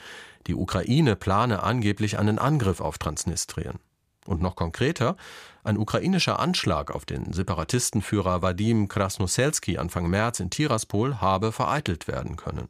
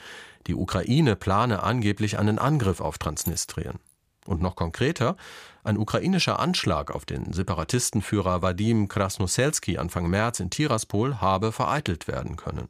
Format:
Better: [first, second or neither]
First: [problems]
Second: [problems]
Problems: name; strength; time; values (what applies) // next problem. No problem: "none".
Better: first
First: none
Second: jangling keys; faint; at 3 s; peak 10 dB below the speech